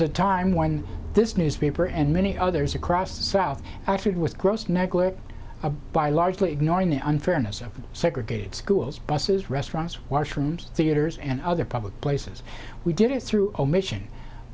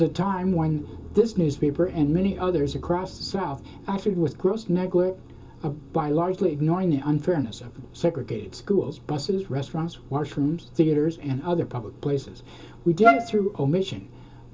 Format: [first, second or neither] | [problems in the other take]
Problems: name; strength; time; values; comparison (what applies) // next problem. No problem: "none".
first | background sound (Wind instrument, woodwind instrument); 3 dB above the speech // room echo; dies away in 0.2 s